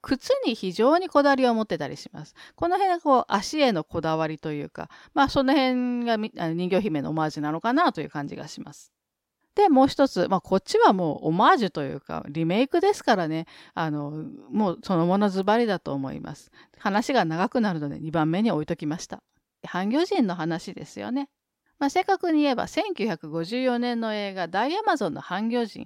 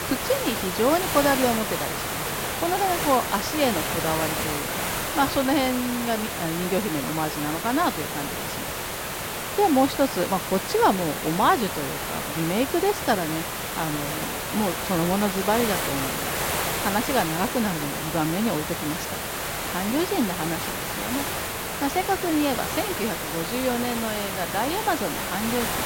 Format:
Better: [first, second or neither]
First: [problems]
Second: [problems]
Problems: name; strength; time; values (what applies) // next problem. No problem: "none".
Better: first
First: none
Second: hiss; loud; throughout; 2 dB below the speech